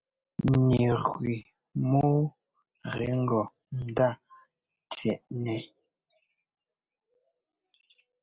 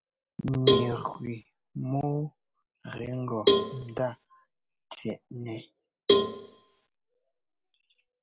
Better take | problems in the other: first | background sound (Cowbell); 5 dB above the speech

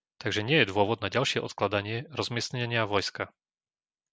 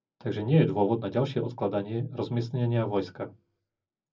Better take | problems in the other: first | room echo; dies away in 0.4 s

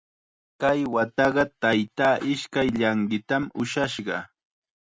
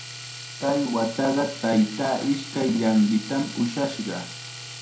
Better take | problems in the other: first | background sound (Domestic sounds, home sounds); 13 dB below the speech // room echo; dies away in 0.4 s

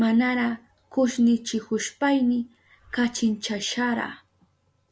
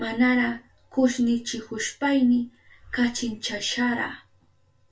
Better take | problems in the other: first | room echo; dies away in 0.2 s

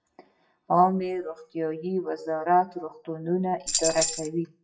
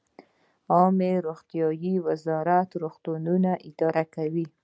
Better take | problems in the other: second | noise reduction (classical method WPE with log-MMSE)

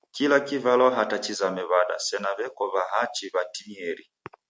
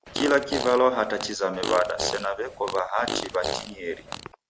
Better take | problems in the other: first | background sound (Fart); 7 dB below the speech

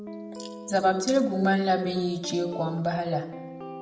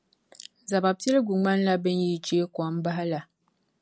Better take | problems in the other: second | background sound (Guitar); 14 dB below the speech // room echo; dies away in 0.8 s

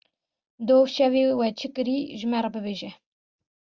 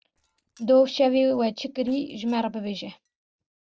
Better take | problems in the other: first | noise reduction (neural separator model SepFormer DNS4)

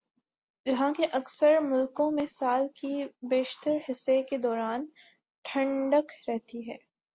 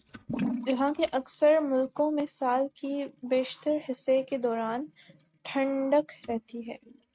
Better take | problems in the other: first | noise reduction (neural mask model RNNoise)

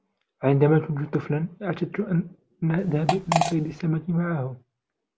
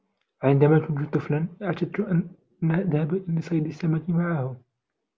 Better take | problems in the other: second | background sound (Fart); 2 dB below the speech

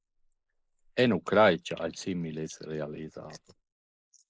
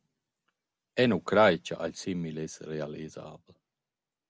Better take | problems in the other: second | noise reduction (neural mask model Resemble Enhance denoiser)

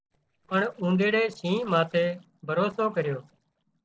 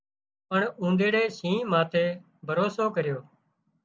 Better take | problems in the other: second | noise reduction (neural separator model SepFormer DNS4)

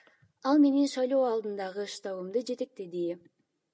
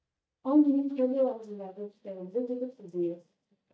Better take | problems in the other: first | noise reduction (neural mask model DeepFilterNet 3)

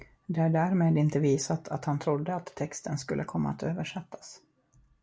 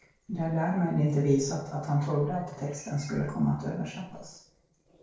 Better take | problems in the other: first | noise reduction (neural separator model SepFormer DNS4)

